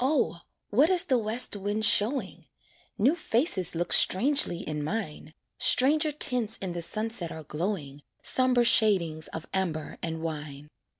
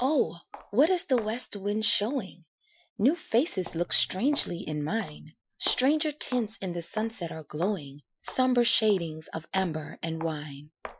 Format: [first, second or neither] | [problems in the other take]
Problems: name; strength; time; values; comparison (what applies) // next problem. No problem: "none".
first | noise reduction (classical method Wiener filter)